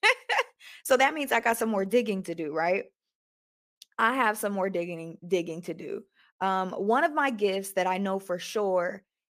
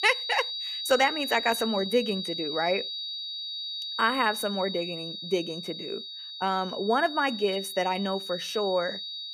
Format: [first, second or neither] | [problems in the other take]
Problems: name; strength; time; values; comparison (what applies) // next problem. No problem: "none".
first | high-pitched whine; loud; throughout; 4 kHz, 5 dB below the speech